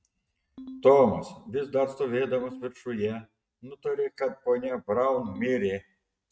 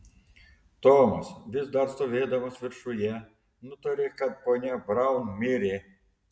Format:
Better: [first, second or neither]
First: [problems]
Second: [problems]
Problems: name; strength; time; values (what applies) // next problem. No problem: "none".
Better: second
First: noise reduction (neural mask model RNNoise)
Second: none